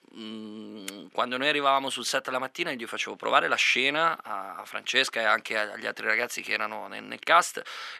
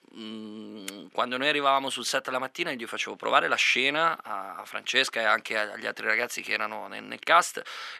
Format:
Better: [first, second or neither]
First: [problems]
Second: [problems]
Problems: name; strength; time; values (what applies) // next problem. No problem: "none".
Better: neither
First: thin; somewhat; fading below 350 Hz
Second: thin; somewhat; fading below 350 Hz